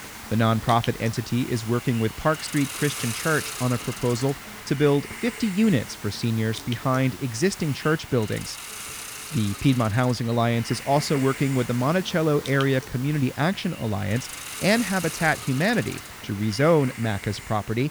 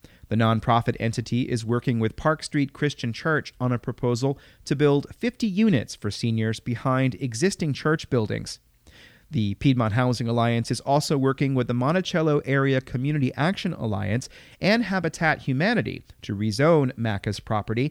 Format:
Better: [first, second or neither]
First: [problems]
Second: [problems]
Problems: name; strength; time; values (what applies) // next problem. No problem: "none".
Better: second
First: hiss; noticeable; throughout; 10 dB below the speech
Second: none